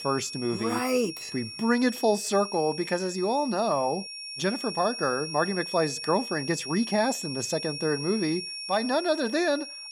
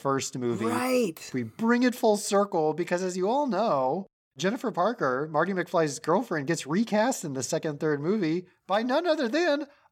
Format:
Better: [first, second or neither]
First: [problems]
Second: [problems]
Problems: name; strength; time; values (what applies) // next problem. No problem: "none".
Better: second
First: high-pitched whine; loud; throughout; 5.5 kHz, 8 dB below the speech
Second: none